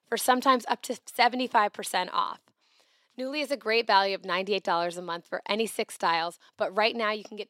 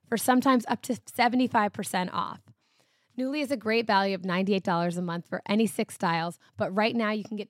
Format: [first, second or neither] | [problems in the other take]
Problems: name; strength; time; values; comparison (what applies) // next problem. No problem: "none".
second | thin; somewhat; fading below 450 Hz